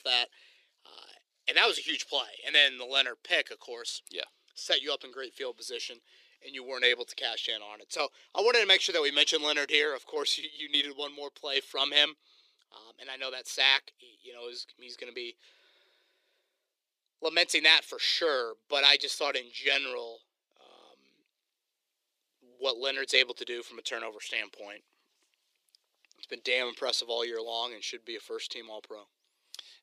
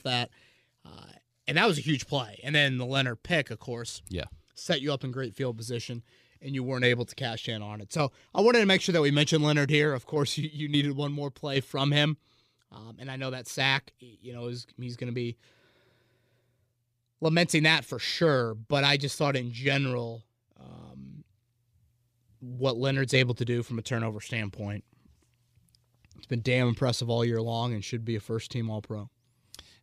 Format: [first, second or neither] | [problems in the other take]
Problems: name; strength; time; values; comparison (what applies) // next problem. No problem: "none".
second | thin; very; fading below 350 Hz